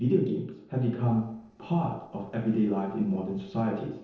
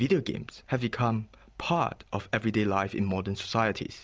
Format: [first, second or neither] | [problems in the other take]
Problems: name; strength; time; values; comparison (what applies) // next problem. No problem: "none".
second | noise reduction (neural separator model SepFormer DNS4)